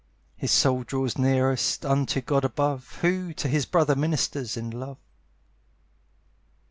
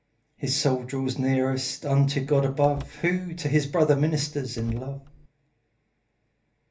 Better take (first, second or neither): first